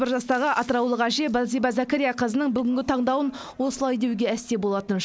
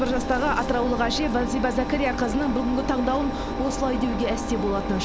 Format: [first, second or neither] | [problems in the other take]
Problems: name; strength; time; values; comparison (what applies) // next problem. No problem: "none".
first | background sound (Engine); 3 dB below the speech